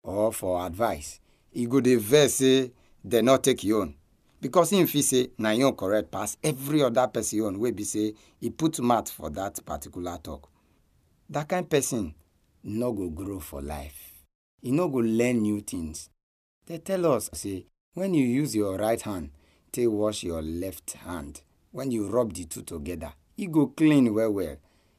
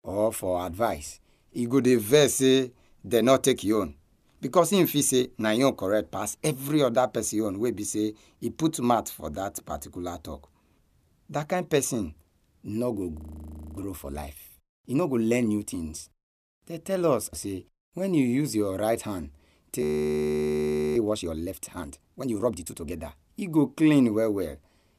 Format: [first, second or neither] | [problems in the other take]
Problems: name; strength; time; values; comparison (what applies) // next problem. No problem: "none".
first | audio freezing; at 13 s for 0.5 s and at 20 s for 1 s